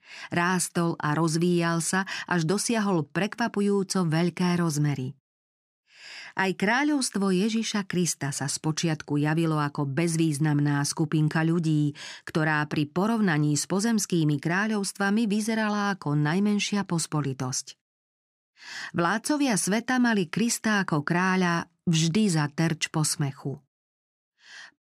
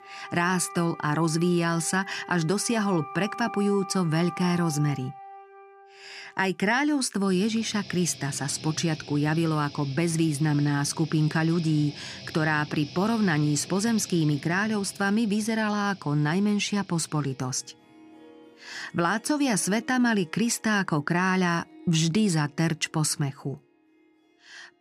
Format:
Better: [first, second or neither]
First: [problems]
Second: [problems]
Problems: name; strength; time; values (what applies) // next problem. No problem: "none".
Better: first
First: none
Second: background music; noticeable; throughout; 15 dB below the speech